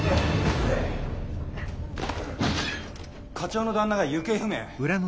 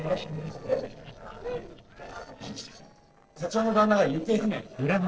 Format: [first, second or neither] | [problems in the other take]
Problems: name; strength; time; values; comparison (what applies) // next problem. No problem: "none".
first | noise reduction (neural separator model SepFormer DNS4)